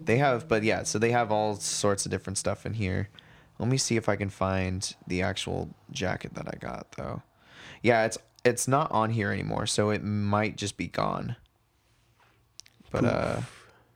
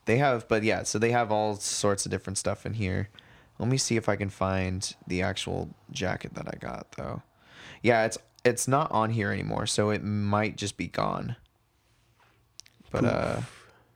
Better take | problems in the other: second | background music; faint; throughout; 25 dB below the speech

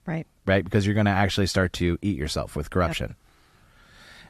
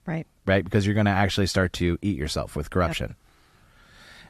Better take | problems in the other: neither | none

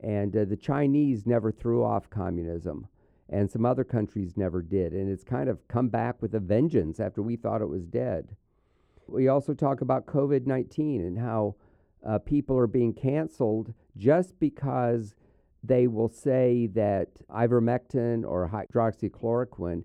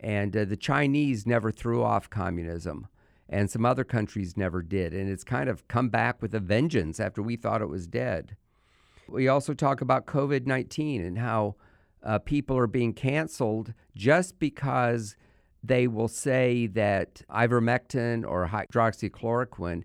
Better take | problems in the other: second | muffled; slightly; fading above 1 kHz

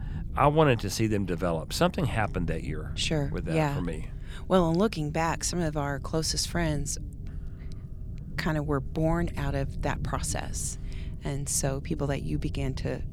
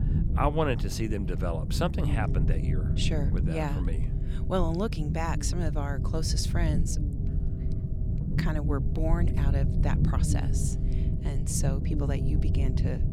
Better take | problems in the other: first | low rumble; loud; throughout; 7 dB below the speech; faint in the first

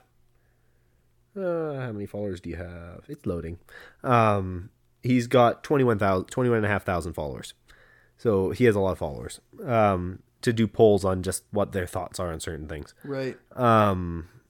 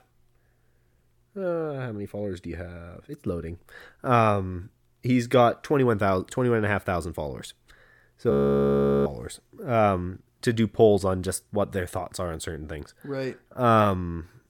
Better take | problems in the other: first | audio freezing; at 8.5 s for 1 s

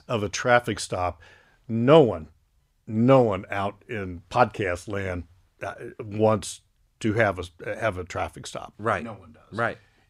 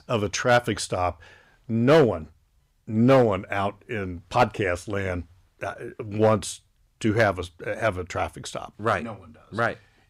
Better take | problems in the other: first | distortion; slight; 1.3% of the sound clipped

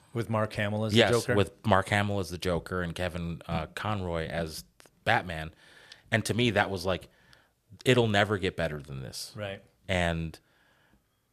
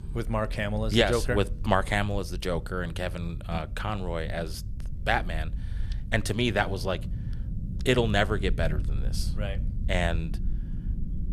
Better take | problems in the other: first | low rumble; faint; throughout; 20 dB below the speech

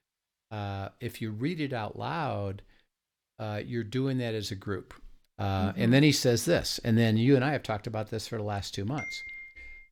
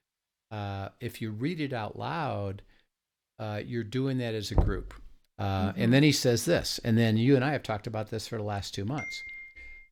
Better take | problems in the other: first | door banging; noticeable; at 4.5 s; peak 1 dB below the speech

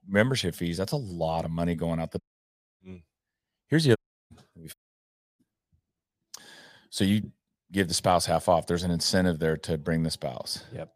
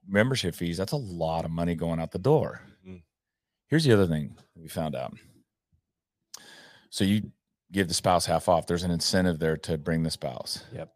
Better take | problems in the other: second | audio cutting out; at 2 s for 0.5 s, at 4 s and at 4.5 s for 0.5 s

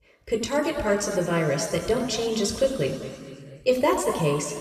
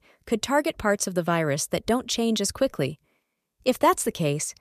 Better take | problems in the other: second | room echo; noticeable; dies away in 2.2 s // off-mic speech; somewhat distant

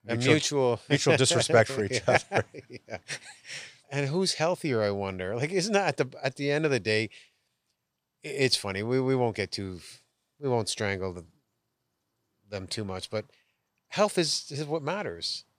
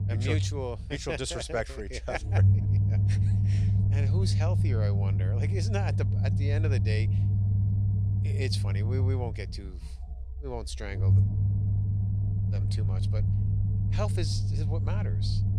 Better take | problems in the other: first | low rumble; loud; throughout; 4 dB below the speech

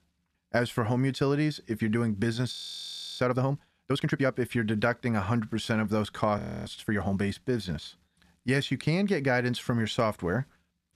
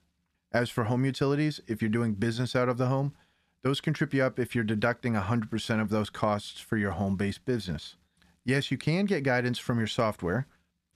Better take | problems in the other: second | audio freezing; at 2.5 s for 0.5 s and at 6.5 s

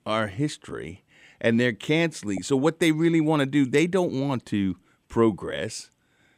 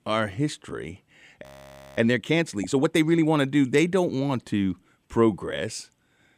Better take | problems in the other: first | audio freezing; at 1.5 s for 0.5 s

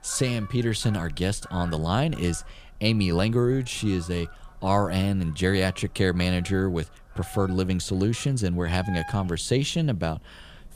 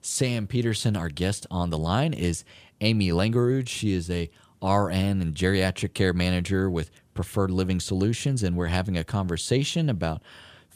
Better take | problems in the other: second | animal sounds; noticeable; throughout; 20 dB below the speech

